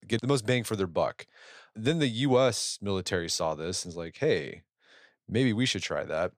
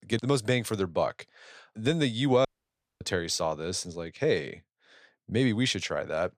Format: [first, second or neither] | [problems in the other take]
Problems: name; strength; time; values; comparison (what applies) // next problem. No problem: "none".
first | audio cutting out; at 2.5 s for 0.5 s